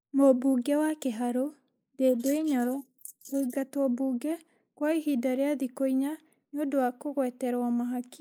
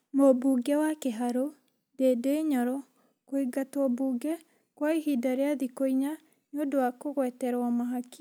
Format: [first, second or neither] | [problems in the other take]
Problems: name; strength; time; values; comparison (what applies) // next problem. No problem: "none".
second | noise reduction (neural mask model Resemble Enhance denoiser)